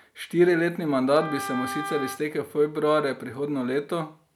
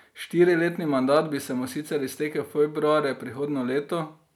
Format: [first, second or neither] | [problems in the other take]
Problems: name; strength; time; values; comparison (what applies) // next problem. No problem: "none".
second | background sound (Wind instrument, woodwind instrument); 10 dB below the speech